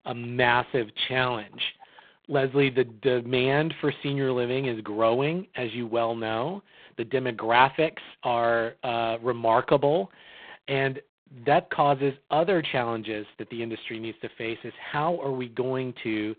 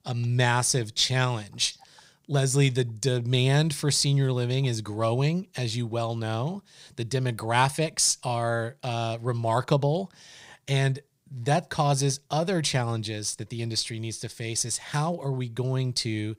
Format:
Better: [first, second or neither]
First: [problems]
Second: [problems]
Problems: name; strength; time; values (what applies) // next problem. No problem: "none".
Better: second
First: phone-call audio; poor line; nothing above 3.5 kHz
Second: none